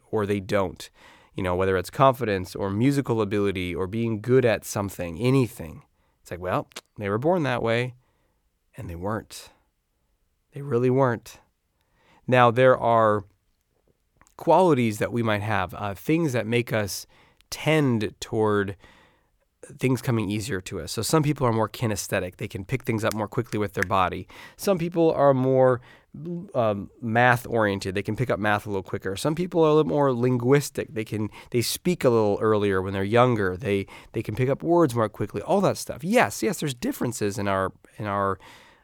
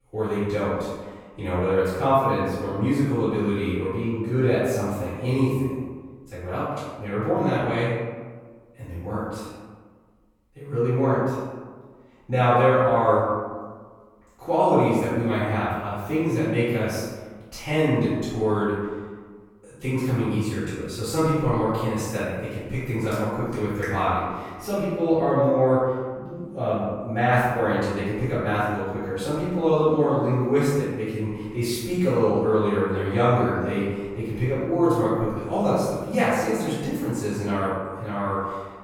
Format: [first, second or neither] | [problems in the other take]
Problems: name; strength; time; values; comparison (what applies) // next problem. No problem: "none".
first | off-mic speech; far // room echo; strong; dies away in 1.3 s